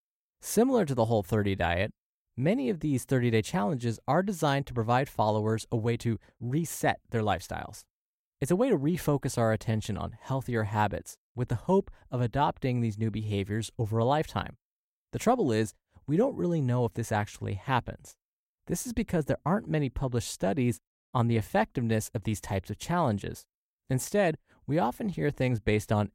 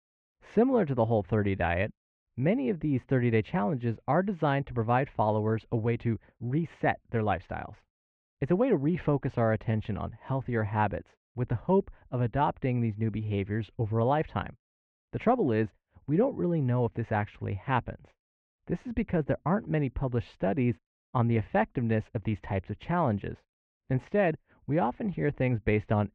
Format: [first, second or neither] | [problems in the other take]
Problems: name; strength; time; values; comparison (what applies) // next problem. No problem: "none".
first | muffled; very; fading above 2.5 kHz